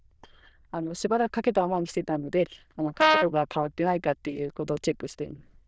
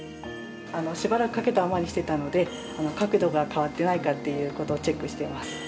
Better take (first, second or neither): second